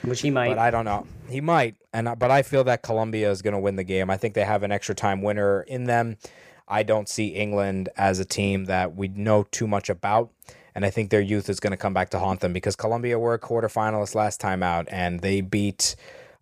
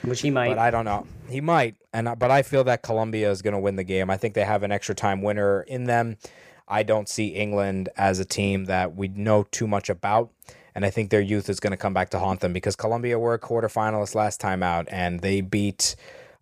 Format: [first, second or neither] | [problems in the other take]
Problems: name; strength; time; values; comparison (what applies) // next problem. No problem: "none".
neither | none